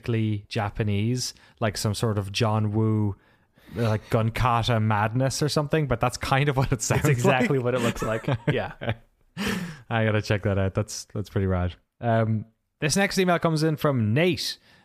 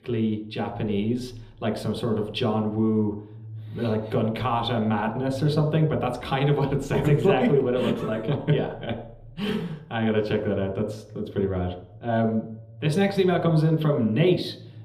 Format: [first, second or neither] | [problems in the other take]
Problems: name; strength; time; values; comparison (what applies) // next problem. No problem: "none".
first | room echo; slight; dies away in 0.8 s